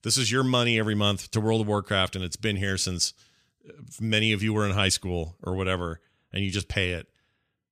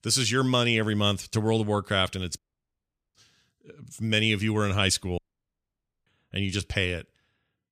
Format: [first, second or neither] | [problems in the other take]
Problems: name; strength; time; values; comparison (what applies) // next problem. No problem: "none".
first | audio cutting out; at 2.5 s for 1 s and at 5 s for 1 s